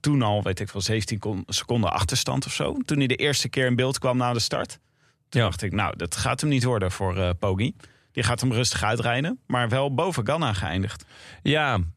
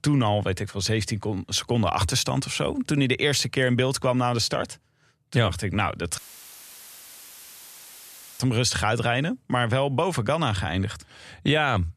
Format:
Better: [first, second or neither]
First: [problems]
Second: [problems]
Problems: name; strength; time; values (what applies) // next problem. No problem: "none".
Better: first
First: none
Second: audio cutting out; filled with static; at 6 s for 2 s